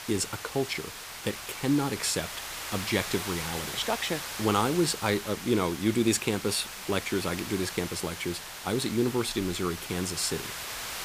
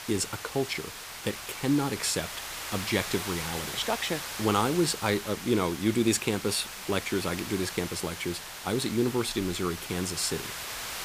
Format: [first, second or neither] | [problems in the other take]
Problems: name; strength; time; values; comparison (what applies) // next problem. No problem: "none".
neither | hiss; loud; throughout; 7 dB below the speech; the same in both